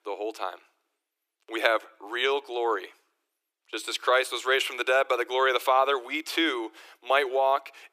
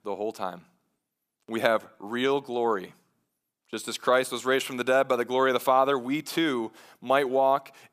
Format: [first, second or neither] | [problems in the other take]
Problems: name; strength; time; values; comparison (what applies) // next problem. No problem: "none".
second | thin; very; fading below 300 Hz